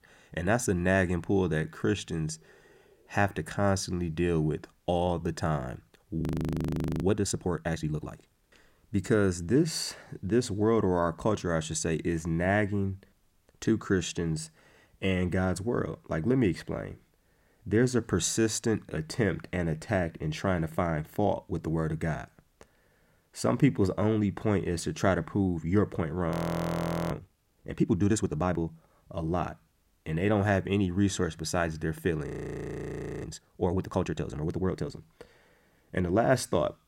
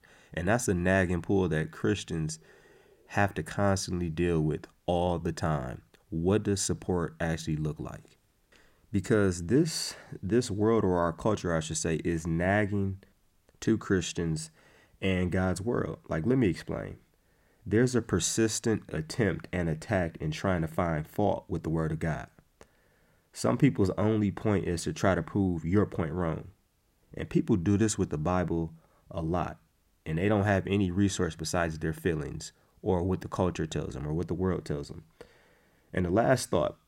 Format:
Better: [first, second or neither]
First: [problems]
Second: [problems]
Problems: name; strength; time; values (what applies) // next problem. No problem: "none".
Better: second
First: audio freezing; at 6 s for 1 s, at 26 s for 1 s and at 32 s for 1 s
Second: none